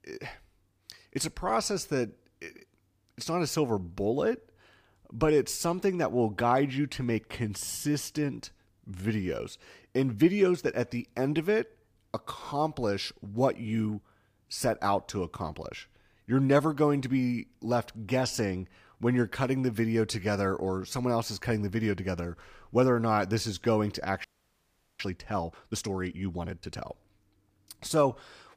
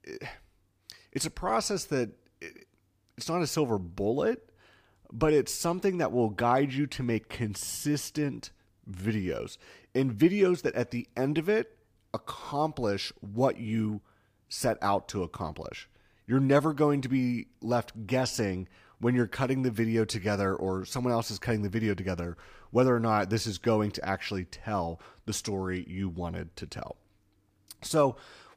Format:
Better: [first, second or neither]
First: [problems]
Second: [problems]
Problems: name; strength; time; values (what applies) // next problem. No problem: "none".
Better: second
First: audio freezing; at 24 s for 1 s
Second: none